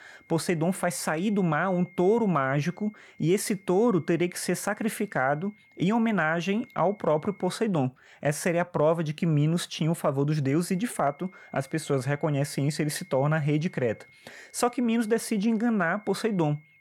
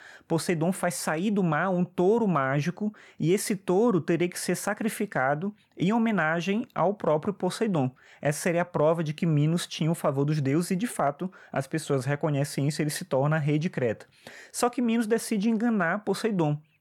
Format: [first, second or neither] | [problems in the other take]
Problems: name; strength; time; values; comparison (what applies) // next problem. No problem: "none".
second | high-pitched whine; faint; until 7.5 s and from 11 s on; 2 kHz, 25 dB below the speech